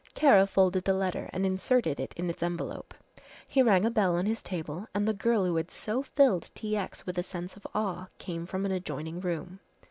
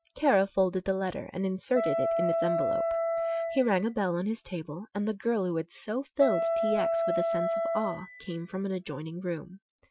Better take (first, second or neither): first